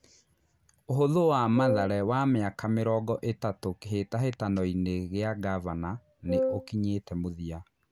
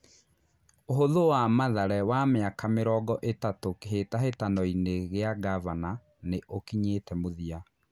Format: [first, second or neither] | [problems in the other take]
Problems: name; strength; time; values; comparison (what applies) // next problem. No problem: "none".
second | background sound (Wind instrument, woodwind instrument); 1 dB below the speech